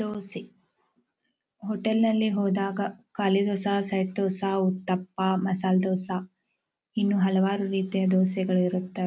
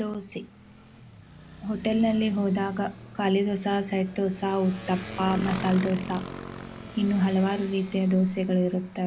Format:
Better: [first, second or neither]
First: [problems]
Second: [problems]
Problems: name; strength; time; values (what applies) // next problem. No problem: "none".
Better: first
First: none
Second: background sound (Motorcycle); 14 dB below the speech